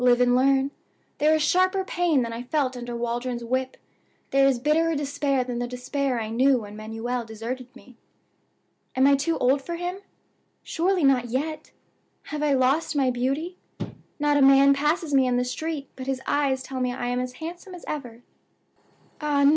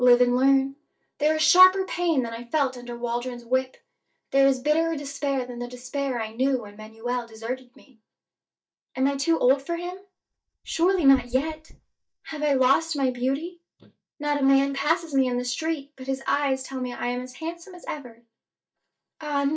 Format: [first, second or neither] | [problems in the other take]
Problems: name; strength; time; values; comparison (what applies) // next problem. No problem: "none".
first | noise reduction (neural mask model DeepFilterNet 3)